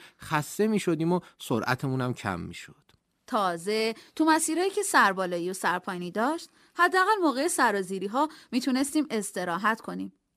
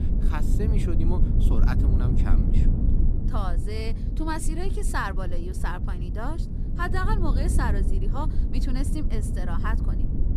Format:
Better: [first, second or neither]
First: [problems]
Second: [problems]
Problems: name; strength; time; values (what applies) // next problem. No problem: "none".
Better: first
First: none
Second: low rumble; loud; throughout; 6 dB below the speech